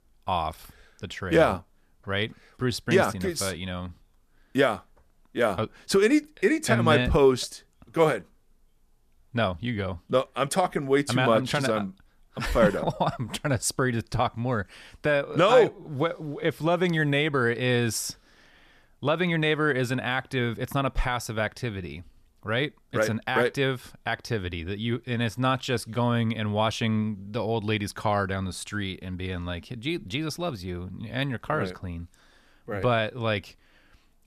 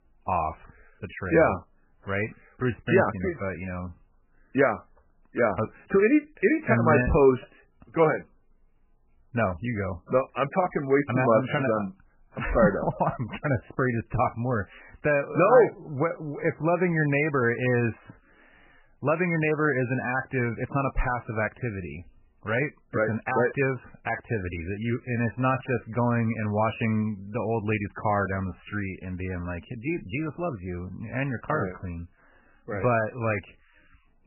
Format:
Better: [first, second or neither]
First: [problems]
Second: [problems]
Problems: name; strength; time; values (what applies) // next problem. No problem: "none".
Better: first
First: none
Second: garbled, watery; badly; nothing above 2.5 kHz